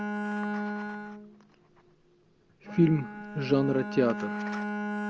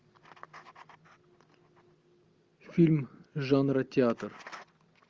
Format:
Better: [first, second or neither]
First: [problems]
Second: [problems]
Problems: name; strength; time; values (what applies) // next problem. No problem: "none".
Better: second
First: background sound (Bowed string instrument); 5 dB below the speech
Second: none